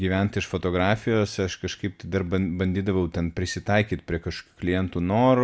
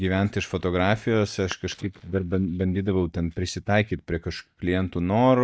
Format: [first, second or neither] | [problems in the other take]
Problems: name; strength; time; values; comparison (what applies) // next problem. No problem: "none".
first | noise reduction (neural mask model DeepFilterNet 3)